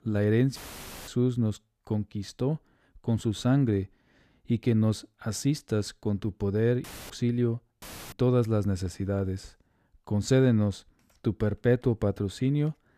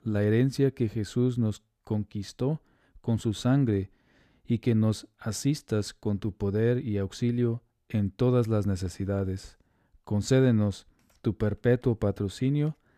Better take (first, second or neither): second